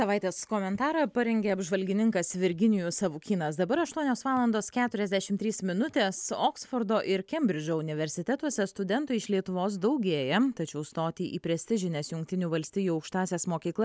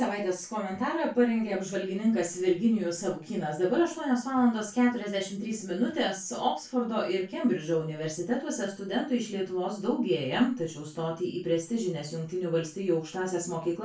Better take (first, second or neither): first